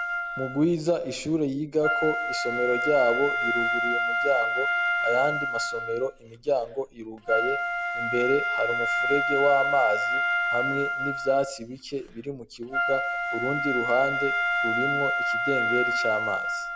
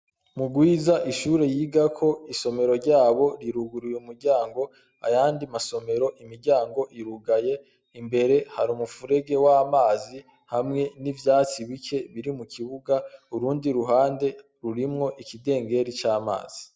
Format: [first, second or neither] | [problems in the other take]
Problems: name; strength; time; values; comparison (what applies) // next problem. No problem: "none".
second | background sound (Wind instrument, woodwind instrument); 1 dB above the speech